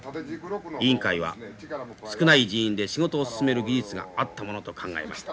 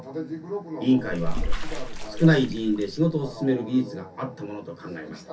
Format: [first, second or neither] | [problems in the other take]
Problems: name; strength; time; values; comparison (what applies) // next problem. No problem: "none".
first | background sound (Bathtub (filling or washing) / Water / Splash, splatter); 2 dB below the speech // room echo; dies away in 0.3 s